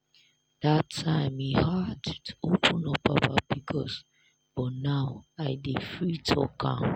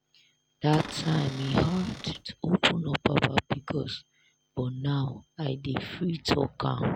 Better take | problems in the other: first | background sound (Cupboard open or close / Door); 12 dB below the speech

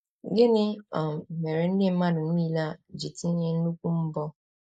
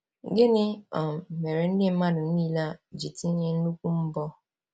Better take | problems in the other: second | noise reduction (neural mask model Resemble Enhance denoiser)

